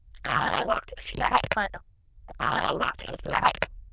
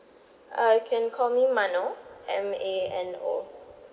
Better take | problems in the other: second | noise reduction (neural diffusion model UNIVERSE++)

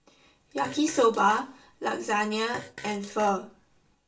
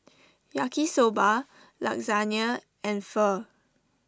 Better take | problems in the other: second | background sound (Fart); 19 dB below the speech // room echo; dies away in 0.3 s

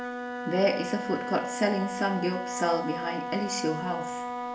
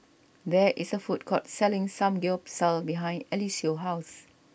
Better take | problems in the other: second | background sound (Wind instrument, woodwind instrument); 5 dB below the speech // room echo; dies away in 0.5 s

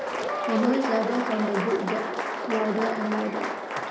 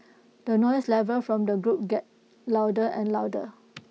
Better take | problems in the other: second | background sound (Applause); 2 dB below the speech // room echo; dies away in 0.8 s

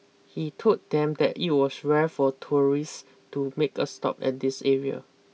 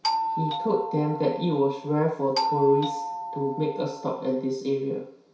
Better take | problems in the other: first | background sound (Doorbell); 5 dB below the speech // room echo; dies away in 0.6 s

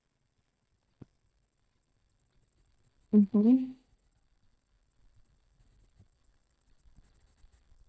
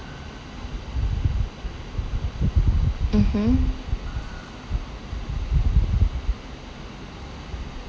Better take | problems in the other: second | noise reduction (neural mask model DeepFilterNet 3)

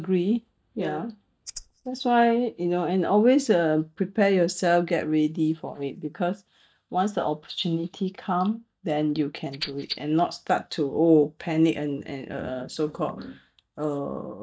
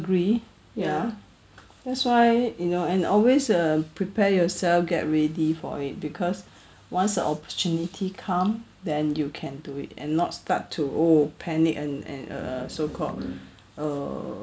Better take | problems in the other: second | noise reduction (neural mask model DeepFilterNet 3)

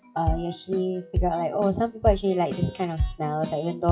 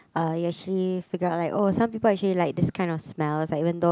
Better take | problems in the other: second | noise reduction (classical method WPE with log-MMSE)

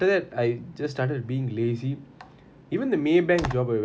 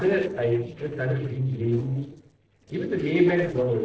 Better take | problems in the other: first | noise reduction (neural separator model SepFormer DNS4)

